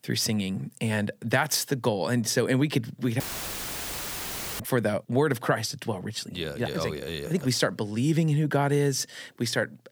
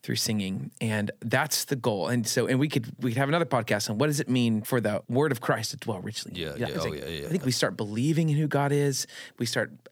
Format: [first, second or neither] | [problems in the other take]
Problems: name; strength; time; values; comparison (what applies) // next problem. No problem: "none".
second | audio cutting out; filled with static; at 3 s for 1.5 s